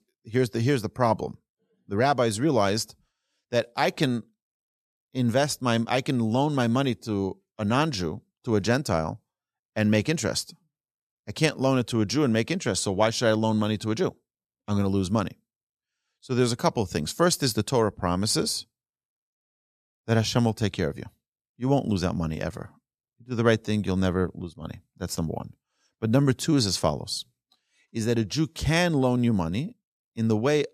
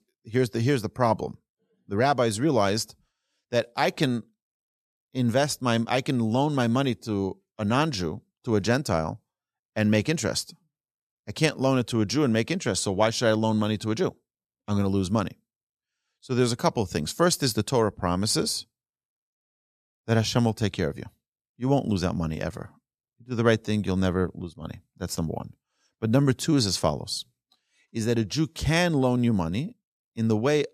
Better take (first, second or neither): neither